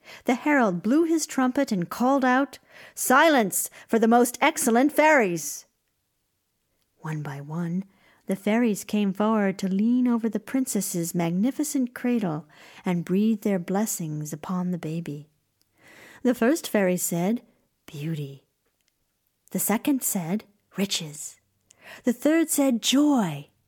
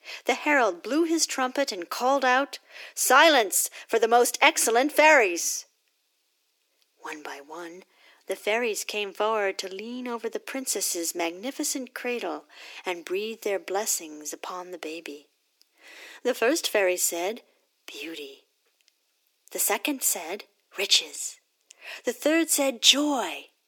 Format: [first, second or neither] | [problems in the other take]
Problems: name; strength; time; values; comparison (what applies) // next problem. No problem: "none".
first | thin; somewhat; fading below 350 Hz